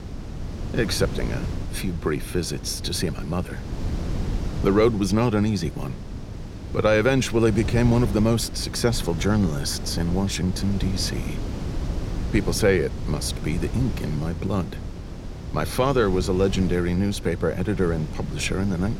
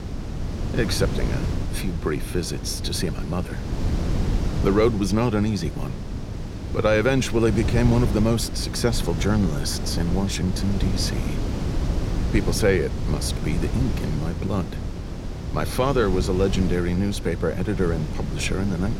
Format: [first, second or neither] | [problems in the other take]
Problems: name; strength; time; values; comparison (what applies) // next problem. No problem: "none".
first | wind noise on the microphone; heavy; 9 dB below the speech; occasional gusts in the first